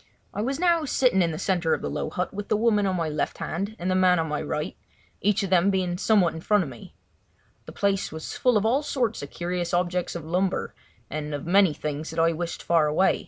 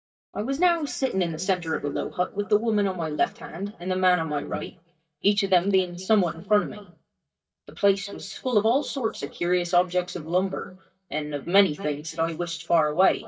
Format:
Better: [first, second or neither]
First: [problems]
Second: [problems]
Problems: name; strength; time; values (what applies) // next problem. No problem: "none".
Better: first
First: none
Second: noise reduction (neural mask model DeepFilterNet 3)